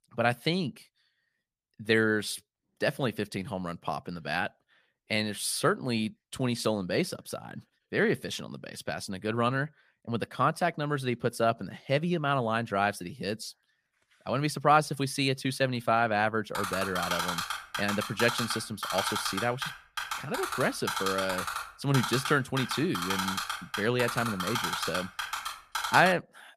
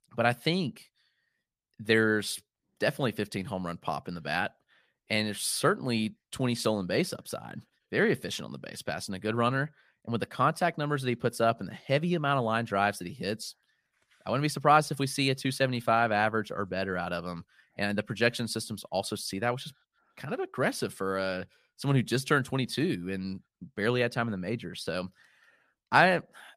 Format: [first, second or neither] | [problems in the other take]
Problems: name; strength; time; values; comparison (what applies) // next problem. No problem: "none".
second | keyboard typing; noticeable; from 17 s on; peak 1 dB below the speech